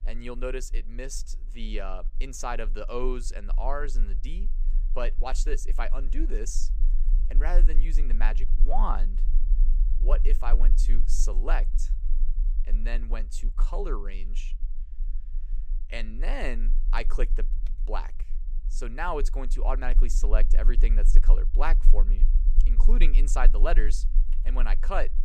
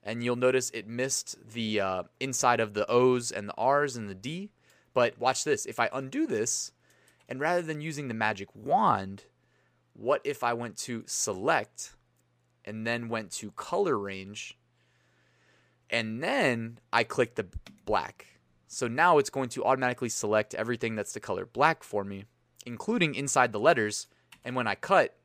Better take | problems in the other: second | low rumble; faint; throughout; 20 dB below the speech

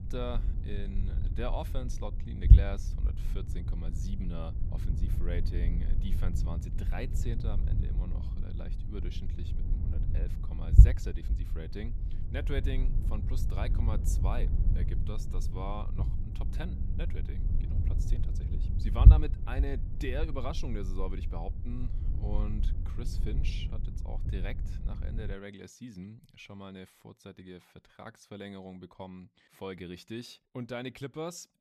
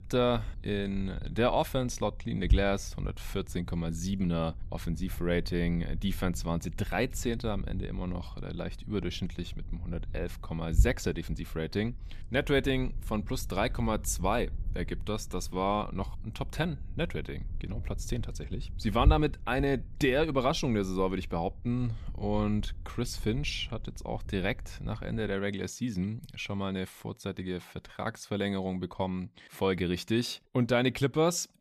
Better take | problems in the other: second | low rumble; loud; until 25 s; 5 dB below the speech; faint in the second

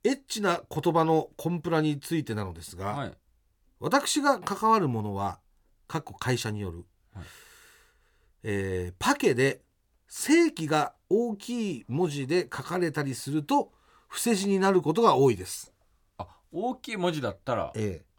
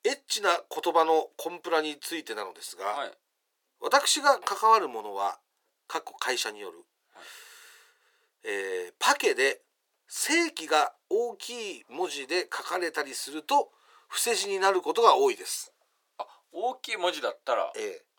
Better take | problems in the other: first | thin; very; fading below 450 Hz

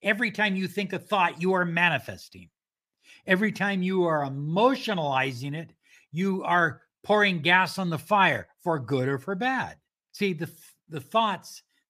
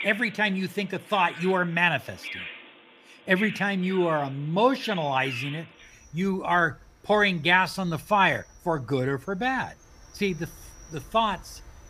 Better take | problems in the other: first | animal sounds; noticeable; throughout; 15 dB below the speech

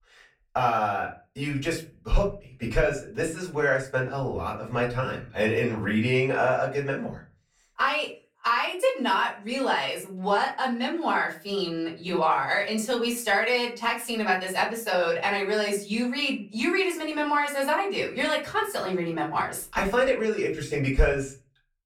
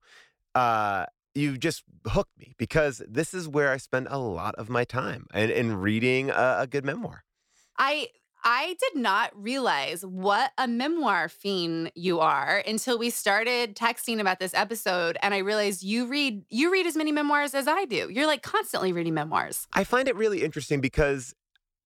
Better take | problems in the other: second | off-mic speech; far // room echo; slight; dies away in 0.3 s

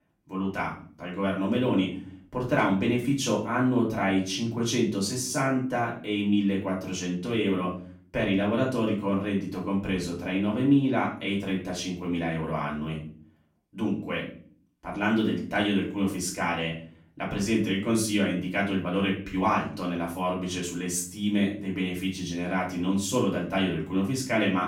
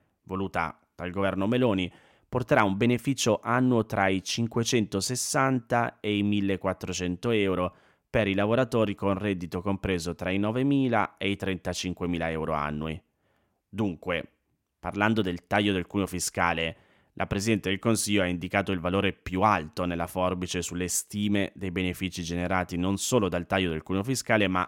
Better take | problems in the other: second | room echo; slight; dies away in 0.4 s // off-mic speech; far

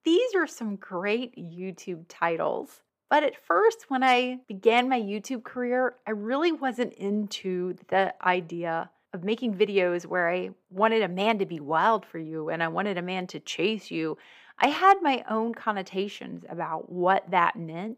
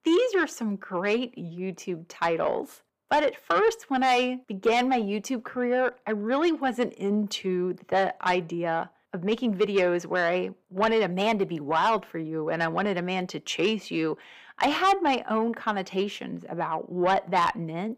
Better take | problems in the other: first | distortion; slight; 10 dB below the speech

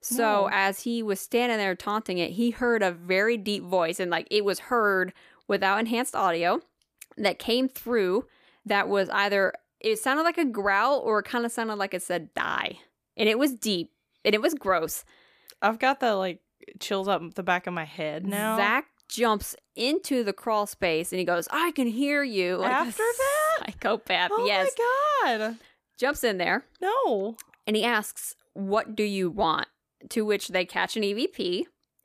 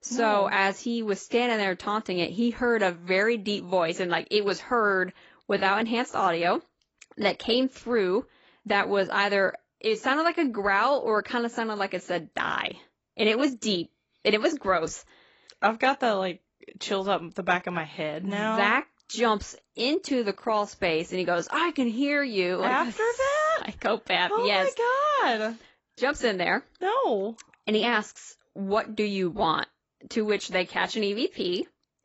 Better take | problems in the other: first | garbled, watery; badly; nothing above 7.5 kHz

